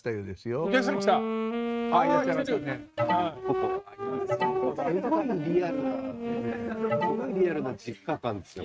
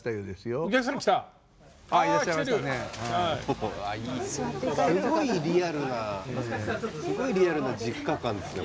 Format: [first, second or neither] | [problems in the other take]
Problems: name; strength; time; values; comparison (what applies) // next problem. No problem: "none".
second | noise reduction (neural mask model RNNoise)